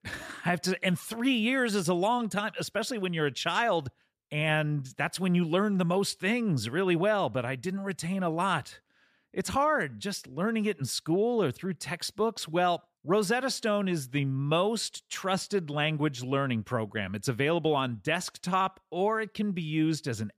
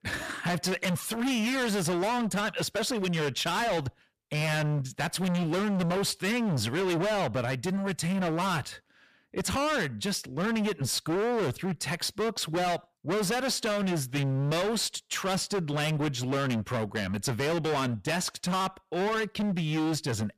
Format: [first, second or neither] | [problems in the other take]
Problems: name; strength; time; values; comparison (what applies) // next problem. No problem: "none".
first | distortion; heavy; 32% of the sound clipped